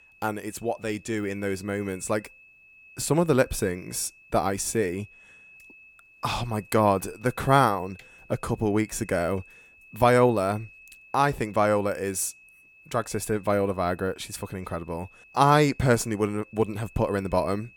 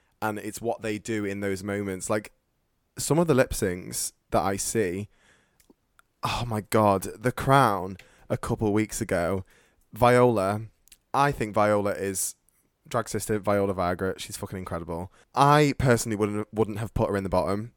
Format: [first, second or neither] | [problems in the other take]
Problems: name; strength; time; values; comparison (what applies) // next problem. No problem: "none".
second | high-pitched whine; faint; throughout; 2.5 kHz, 25 dB below the speech